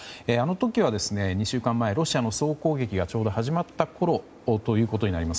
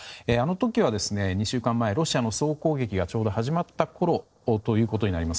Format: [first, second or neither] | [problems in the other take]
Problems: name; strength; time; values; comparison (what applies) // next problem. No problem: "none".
first | noise reduction (neural separator model SepFormer DNS4)